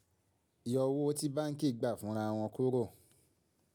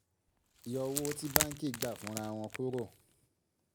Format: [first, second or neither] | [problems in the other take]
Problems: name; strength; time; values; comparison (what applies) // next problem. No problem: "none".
first | background sound (Wood); as loud as the speech